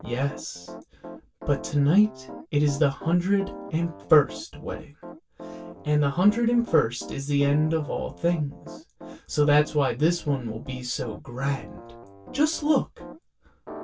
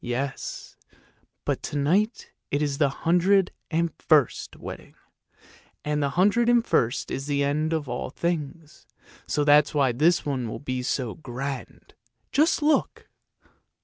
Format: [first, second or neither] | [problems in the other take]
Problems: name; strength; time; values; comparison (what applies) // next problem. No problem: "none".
second | background sound (Piano); 16 dB below the speech // room echo; dies away in 0.1 s